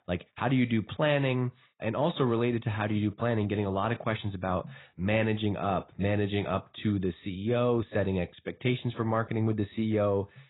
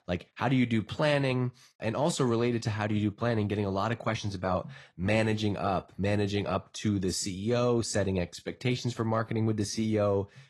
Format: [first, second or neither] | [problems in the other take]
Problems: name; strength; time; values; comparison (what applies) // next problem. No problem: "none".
second | garbled, watery; badly; nothing above 4 kHz; slightly in the second